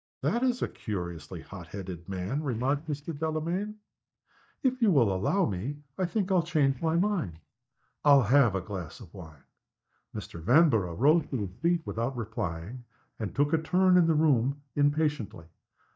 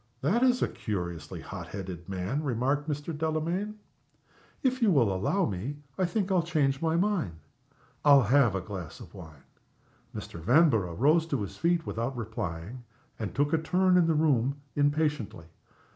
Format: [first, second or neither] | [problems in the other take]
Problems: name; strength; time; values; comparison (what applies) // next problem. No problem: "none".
second | noise reduction (neural mask model DeepFilterNet 3)